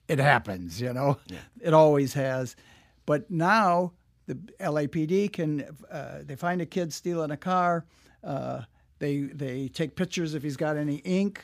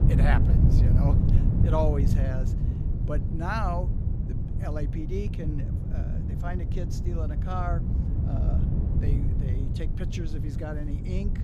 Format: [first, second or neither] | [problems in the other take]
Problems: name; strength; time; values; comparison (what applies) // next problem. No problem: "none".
first | low rumble; loud; throughout; 4 dB below the speech